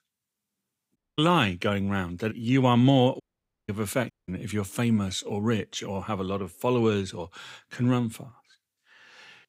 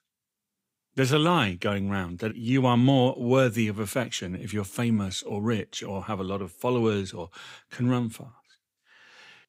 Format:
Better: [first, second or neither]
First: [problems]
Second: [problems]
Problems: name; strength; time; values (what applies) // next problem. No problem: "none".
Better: second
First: audio cutting out; at 1 s, at 3 s and at 4 s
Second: none